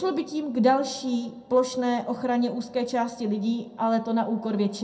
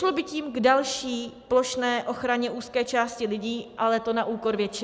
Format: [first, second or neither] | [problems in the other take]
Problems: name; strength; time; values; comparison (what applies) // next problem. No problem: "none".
second | room echo; dies away in 0.2 s